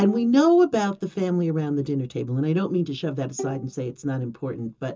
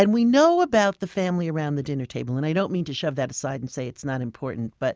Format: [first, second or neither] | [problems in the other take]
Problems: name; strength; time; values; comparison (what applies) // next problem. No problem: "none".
second | background sound (Bowed string instrument); 15 dB below the speech // room echo; dies away in 0.2 s